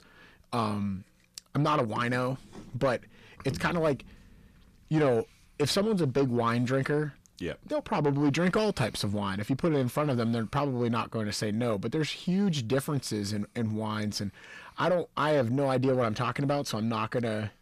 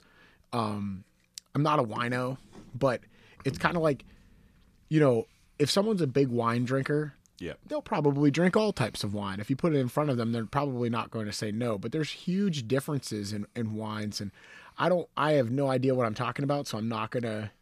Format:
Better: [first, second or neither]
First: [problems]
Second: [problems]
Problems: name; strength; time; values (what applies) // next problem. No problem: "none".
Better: second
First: distortion; slight; 10 dB below the speech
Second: none